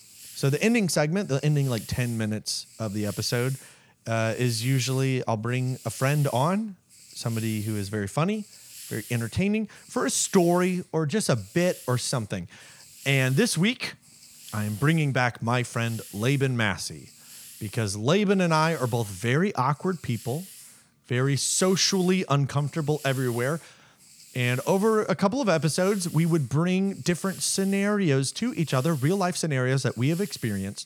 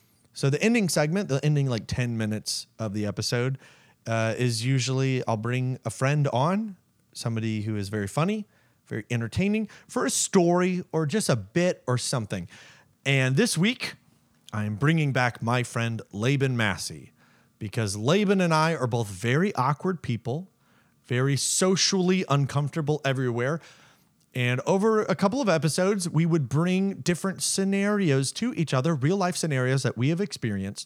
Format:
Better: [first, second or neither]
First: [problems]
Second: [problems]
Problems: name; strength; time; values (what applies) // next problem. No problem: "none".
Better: second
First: hiss; noticeable; throughout; 20 dB below the speech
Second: none